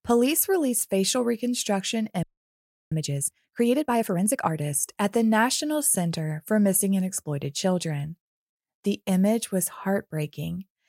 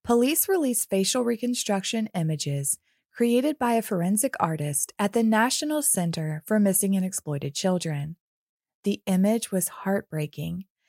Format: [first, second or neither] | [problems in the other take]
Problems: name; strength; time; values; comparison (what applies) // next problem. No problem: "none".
second | audio freezing; at 2 s for 0.5 s